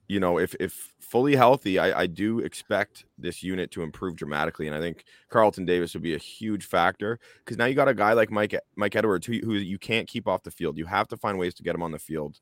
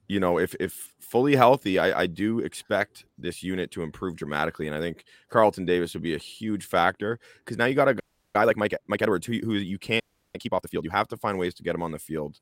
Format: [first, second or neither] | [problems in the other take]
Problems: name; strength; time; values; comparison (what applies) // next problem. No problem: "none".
first | audio freezing; at 8 s and at 10 s